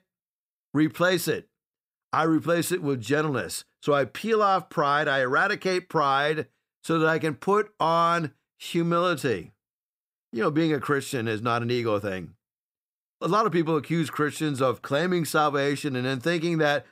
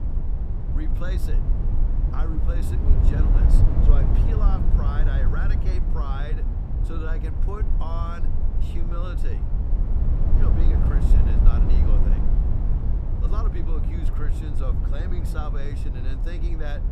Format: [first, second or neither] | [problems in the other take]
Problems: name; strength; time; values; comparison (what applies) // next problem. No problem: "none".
first | low rumble; loud; throughout; 1 dB below the speech